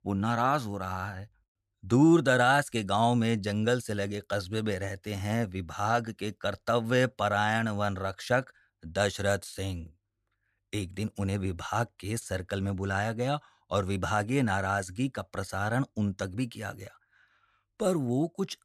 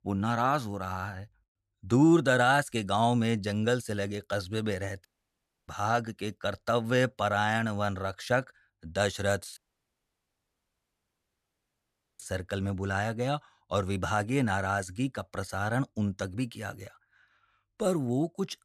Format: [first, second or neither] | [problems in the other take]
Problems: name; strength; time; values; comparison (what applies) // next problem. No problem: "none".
first | audio cutting out; at 5 s for 0.5 s and at 9.5 s for 2.5 s